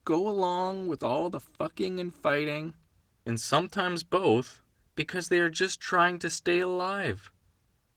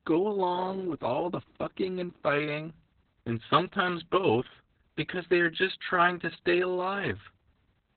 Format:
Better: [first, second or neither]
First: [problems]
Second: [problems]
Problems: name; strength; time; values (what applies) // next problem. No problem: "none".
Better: first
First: garbled, watery; slightly; nothing above 16.5 kHz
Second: garbled, watery; badly; nothing above 4 kHz